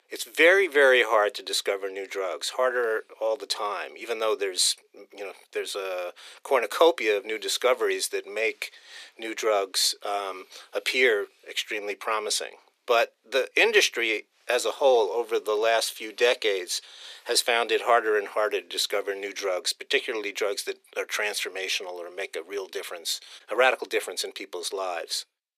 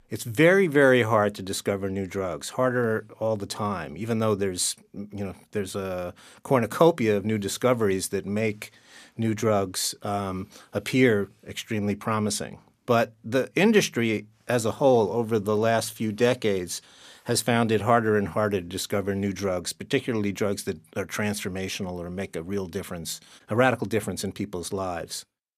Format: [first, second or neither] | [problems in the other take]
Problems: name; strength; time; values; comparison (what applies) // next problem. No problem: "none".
second | thin; very; fading below 350 Hz